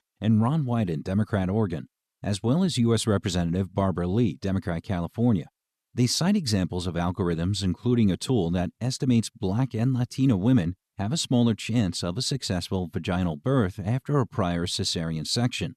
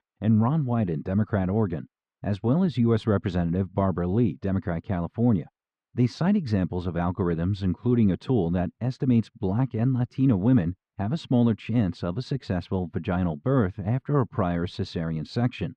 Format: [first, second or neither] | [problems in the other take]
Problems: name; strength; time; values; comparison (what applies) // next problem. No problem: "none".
first | muffled; very; fading above 2 kHz